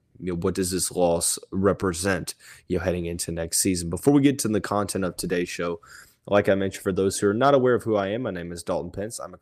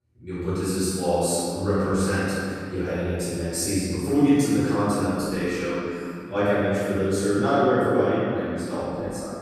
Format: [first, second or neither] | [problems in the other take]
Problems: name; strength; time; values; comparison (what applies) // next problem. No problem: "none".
first | off-mic speech; far // room echo; strong; dies away in 2.3 s